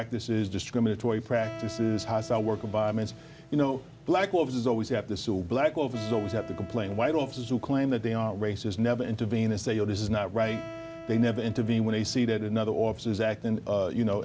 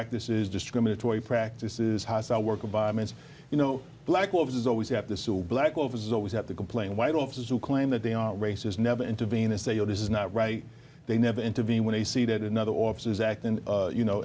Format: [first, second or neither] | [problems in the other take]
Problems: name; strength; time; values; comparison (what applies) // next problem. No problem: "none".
second | background sound (Acoustic guitar); 19 dB below the speech